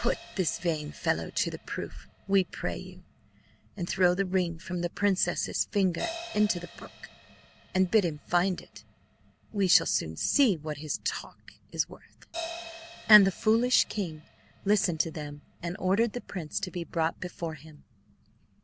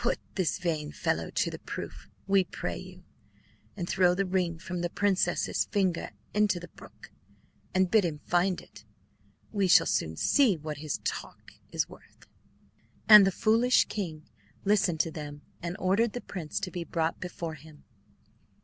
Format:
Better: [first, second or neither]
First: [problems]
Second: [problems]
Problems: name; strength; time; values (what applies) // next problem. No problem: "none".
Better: second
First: background sound (Crash cymbal); 19 dB below the speech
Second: none